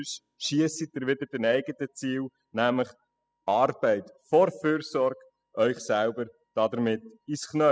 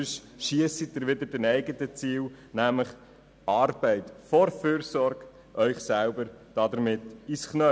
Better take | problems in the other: second | noise reduction (classical method spectral subtraction)

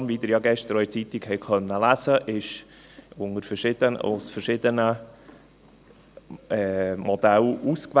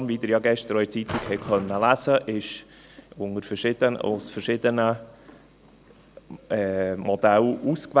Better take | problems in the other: first | background sound (Drawer open or close); 12 dB below the speech

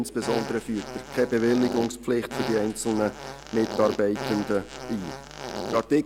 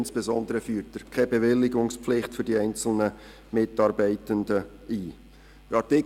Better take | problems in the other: second | background sound (Fart); 9 dB below the speech

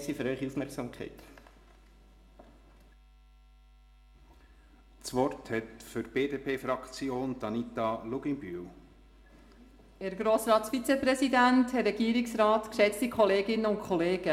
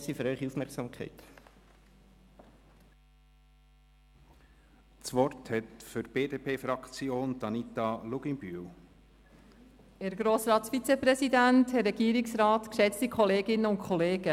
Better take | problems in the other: second | room echo; dies away in 0.7 s

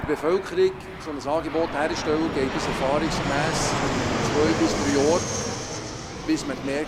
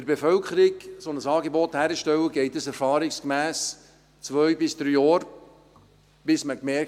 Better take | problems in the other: second | background sound (Fixed-wing aircraft, airplane); 2 dB below the speech

